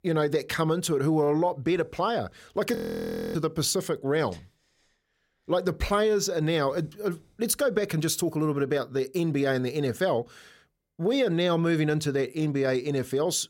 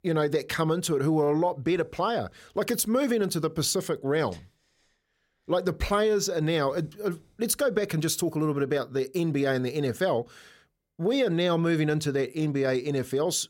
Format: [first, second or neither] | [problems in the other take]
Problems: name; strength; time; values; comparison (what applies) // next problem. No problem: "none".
second | audio freezing; at 3 s for 0.5 s